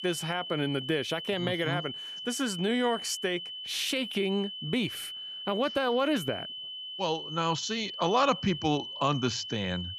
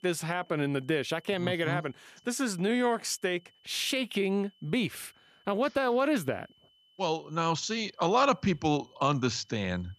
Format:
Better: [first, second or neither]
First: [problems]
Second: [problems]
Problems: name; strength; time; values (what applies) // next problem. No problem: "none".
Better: second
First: high-pitched whine; loud; throughout; 3 kHz, 7 dB below the speech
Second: high-pitched whine; faint; throughout; 3 kHz, 35 dB below the speech